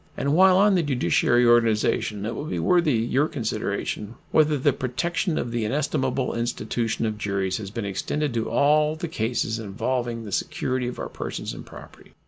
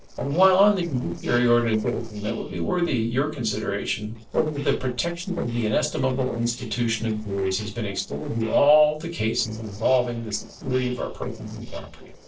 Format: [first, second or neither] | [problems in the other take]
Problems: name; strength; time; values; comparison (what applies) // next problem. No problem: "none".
first | noise reduction (neural separator model SepFormer DNS4)